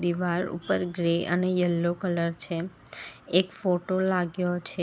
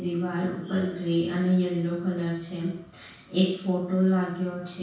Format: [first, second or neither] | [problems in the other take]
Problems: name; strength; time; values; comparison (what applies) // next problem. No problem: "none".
first | room echo; dies away in 0.6 s